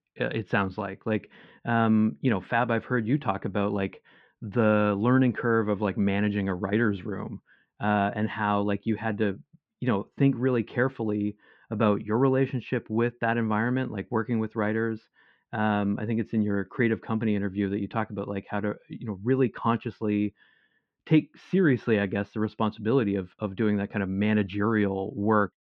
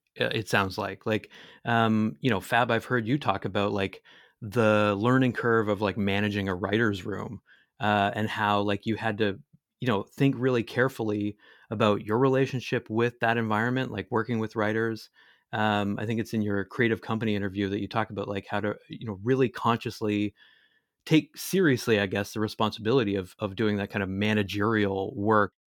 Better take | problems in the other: second | muffled; very; fading above 2.5 kHz

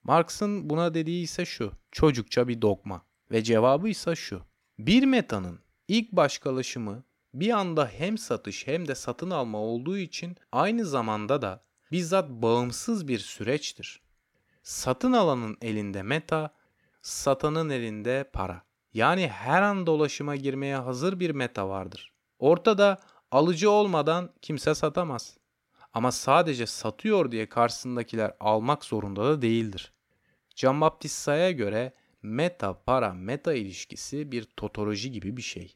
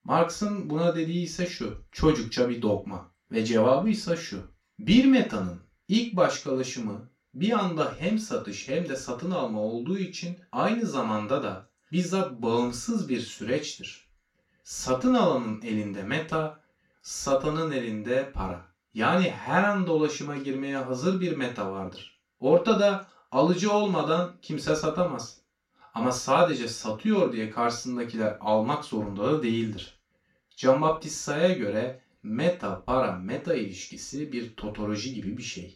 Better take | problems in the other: first | room echo; slight; dies away in 0.3 s // off-mic speech; far

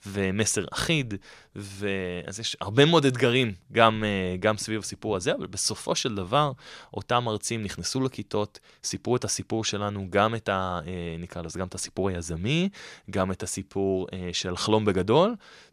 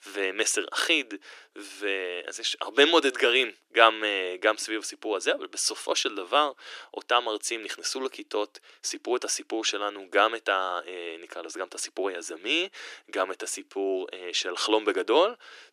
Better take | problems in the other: first | thin; very; fading below 300 Hz

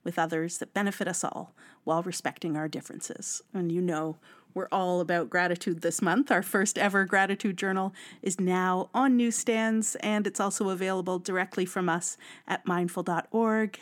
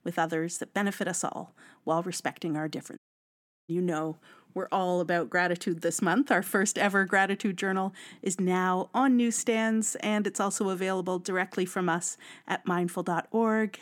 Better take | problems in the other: first | audio cutting out; at 3 s for 0.5 s

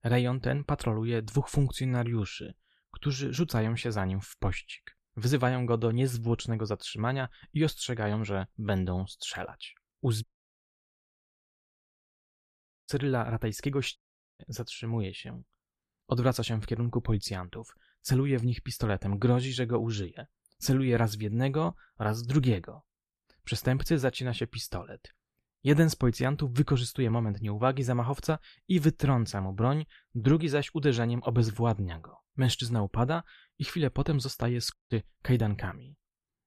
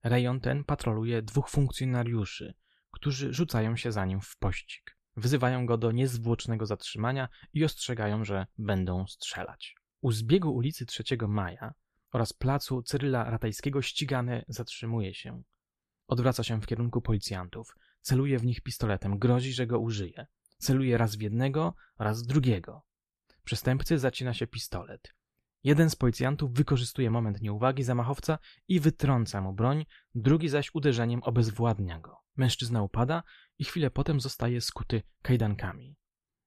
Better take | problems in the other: second | audio cutting out; at 10 s for 2.5 s, at 14 s and at 35 s

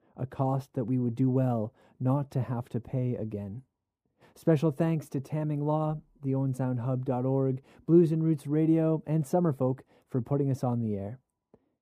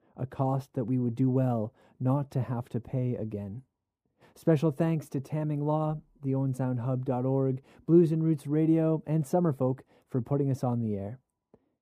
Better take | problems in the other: neither | muffled; very; fading above 1 kHz; the same in both

